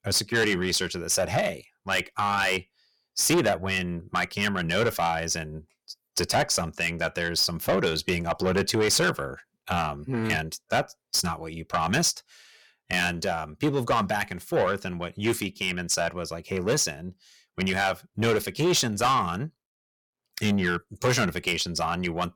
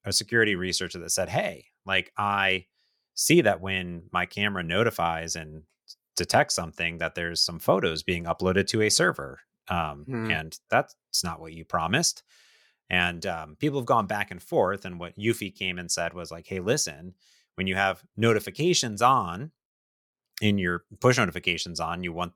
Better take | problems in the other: second | distortion; heavy; 7 dB below the speech

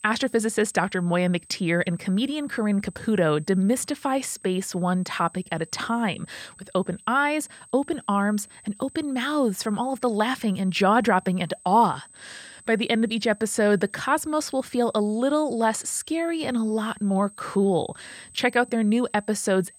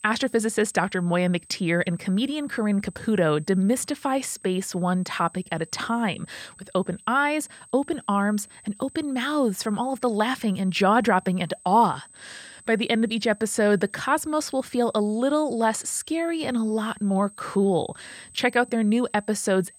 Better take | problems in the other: neither | high-pitched whine; faint; throughout; 8 kHz, 25 dB below the speech; the same in both

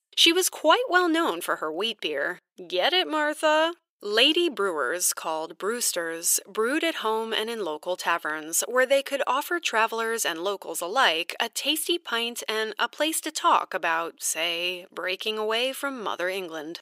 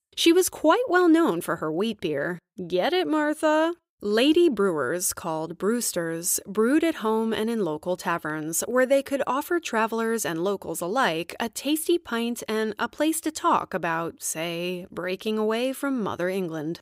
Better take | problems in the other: second | thin; somewhat; fading below 500 Hz

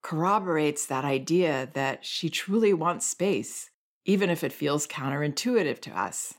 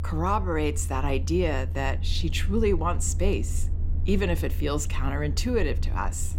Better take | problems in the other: first | low rumble; noticeable; throughout; 15 dB below the speech

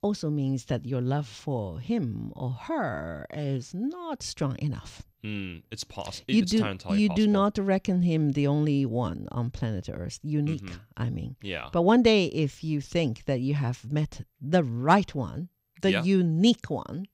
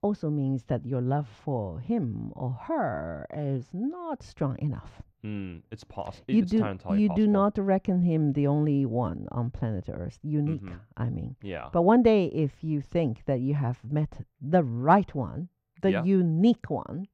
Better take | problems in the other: first | muffled; very; fading above 2.5 kHz

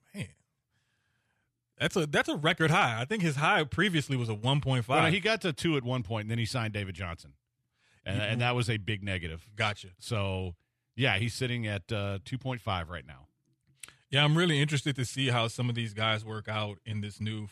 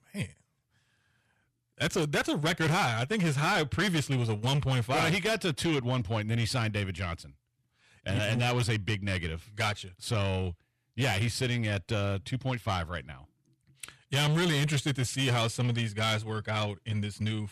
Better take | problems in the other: first | distortion; heavy; 8 dB below the speech

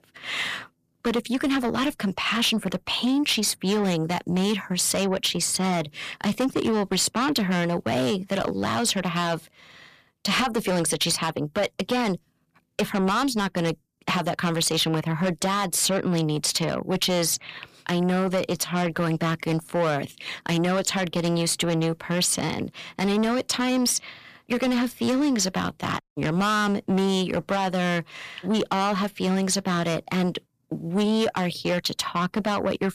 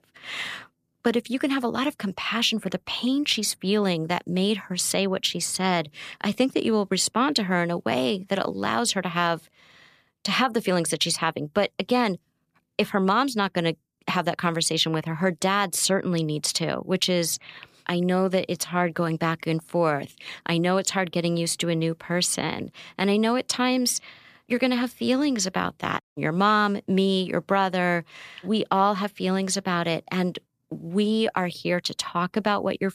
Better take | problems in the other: second | distortion; heavy; 7 dB below the speech

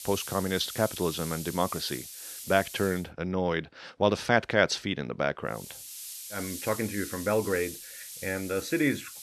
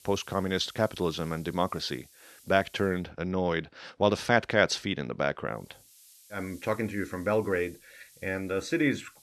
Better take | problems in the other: second | hiss; loud; until 3 s and from 5.5 s on; 10 dB below the speech; faint in the second

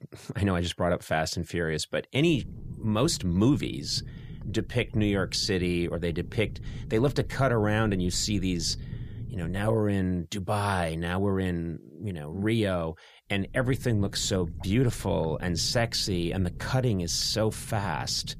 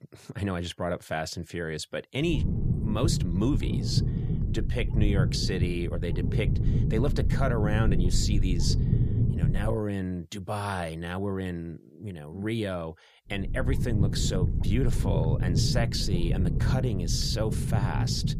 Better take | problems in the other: first | low rumble; loud; from 2.5 to 9.5 s and from 13 s on; 6 dB below the speech; faint in the first

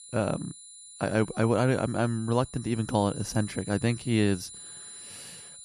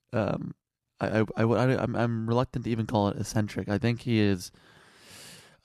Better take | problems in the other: second | high-pitched whine; noticeable; throughout; 9.5 kHz, 15 dB below the speech

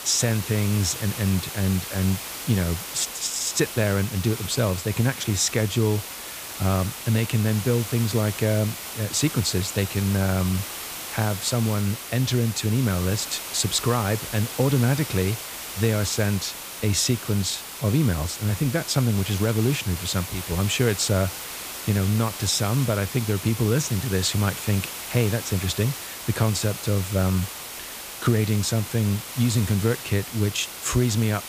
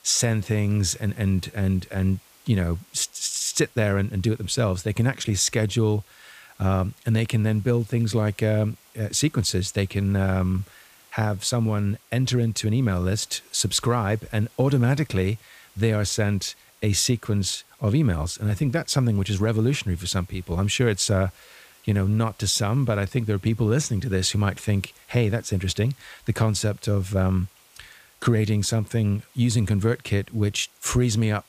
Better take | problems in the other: second | hiss; loud; throughout; 8 dB below the speech; faint in the second

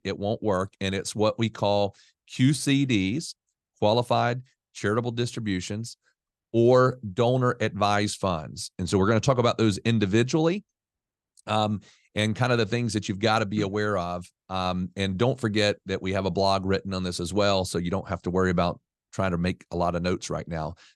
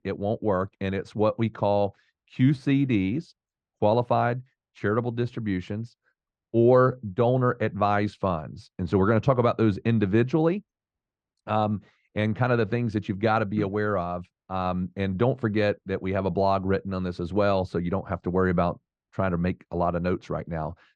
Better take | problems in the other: first | muffled; very; fading above 2 kHz

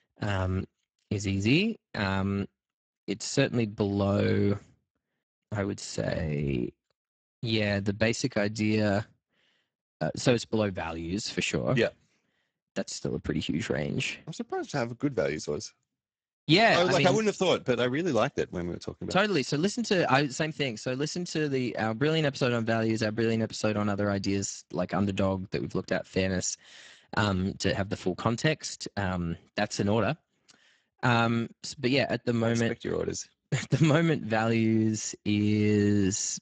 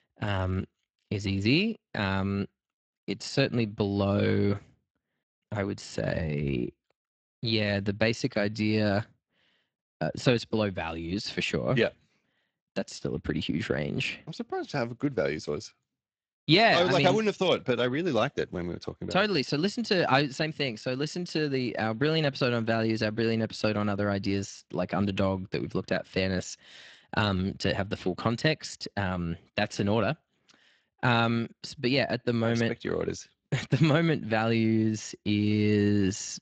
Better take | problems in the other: second | garbled, watery; badly; nothing above 7.5 kHz; slightly in the second

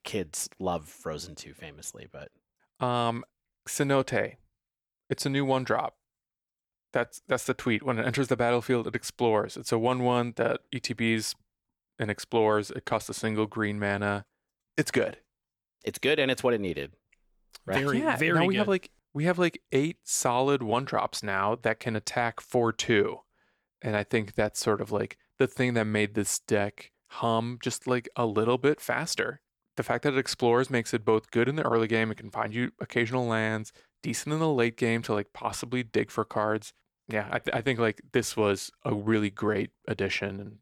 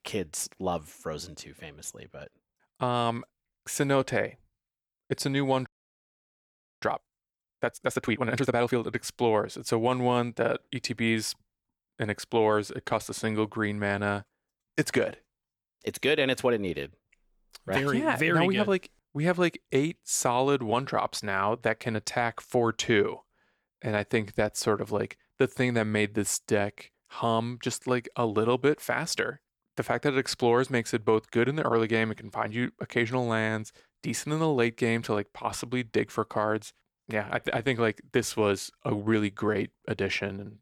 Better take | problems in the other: first | audio freezing; at 5.5 s for 1 s

